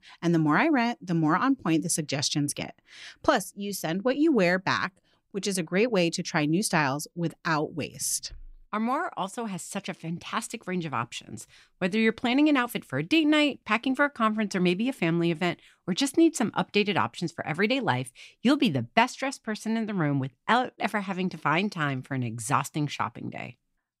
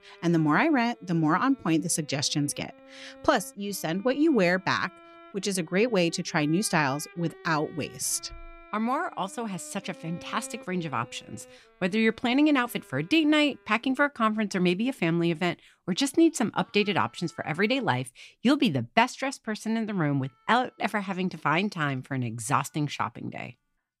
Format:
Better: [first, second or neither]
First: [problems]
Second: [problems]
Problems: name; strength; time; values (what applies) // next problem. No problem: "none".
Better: first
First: none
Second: background music; faint; throughout; 25 dB below the speech